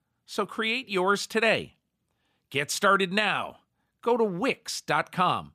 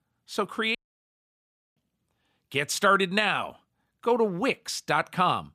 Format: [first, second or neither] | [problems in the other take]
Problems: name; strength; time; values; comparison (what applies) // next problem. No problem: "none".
first | audio cutting out; at 1 s for 1 s